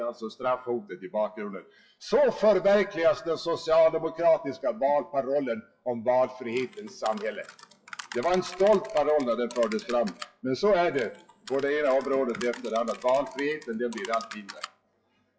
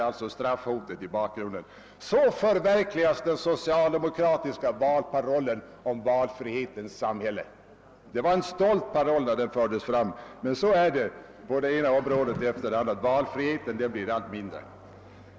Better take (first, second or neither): second